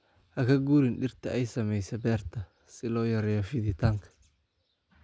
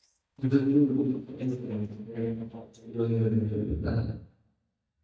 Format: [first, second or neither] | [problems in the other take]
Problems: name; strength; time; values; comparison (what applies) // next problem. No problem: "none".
first | noise reduction (neural mask model DeepFilterNet 3)